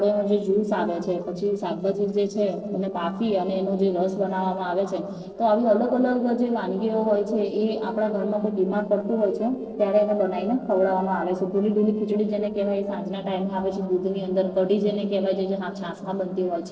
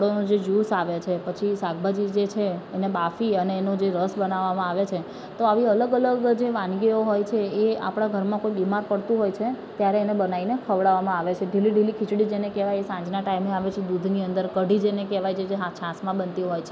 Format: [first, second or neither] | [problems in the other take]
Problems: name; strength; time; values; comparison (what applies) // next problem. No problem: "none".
second | noise reduction (neural separator model SepFormer DNS4)